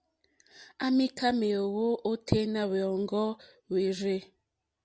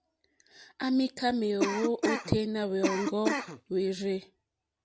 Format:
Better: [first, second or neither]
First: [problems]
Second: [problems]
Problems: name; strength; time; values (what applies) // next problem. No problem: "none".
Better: first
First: none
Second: background sound (Cough); 2 dB below the speech